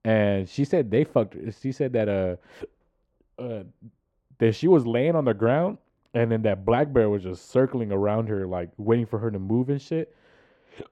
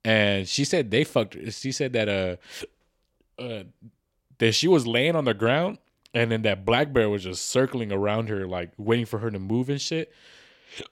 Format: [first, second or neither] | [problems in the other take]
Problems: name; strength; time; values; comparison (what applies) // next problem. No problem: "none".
second | muffled; very; fading above 2 kHz